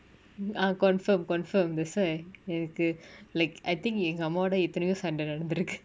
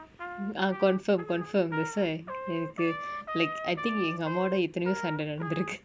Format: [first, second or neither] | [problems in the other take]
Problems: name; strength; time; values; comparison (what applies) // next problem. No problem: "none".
first | background sound (Trumpet); 9 dB below the speech